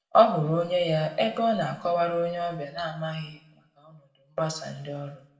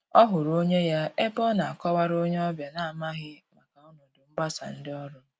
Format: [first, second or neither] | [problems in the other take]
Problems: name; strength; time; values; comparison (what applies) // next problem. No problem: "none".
second | room echo; dies away in 0.6 s